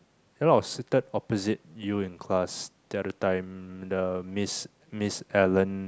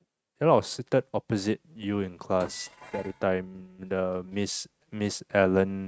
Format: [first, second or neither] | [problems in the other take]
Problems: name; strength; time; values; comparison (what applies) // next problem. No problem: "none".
first | noise reduction (neural mask model RNNoise)